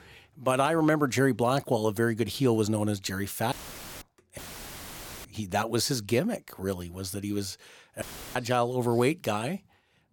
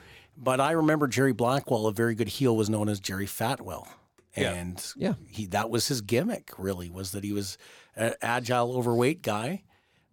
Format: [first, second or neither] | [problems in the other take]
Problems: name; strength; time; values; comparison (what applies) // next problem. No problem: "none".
second | audio cutting out; filled with static; at 3.5 s, at 4.5 s for 1 s and at 8 s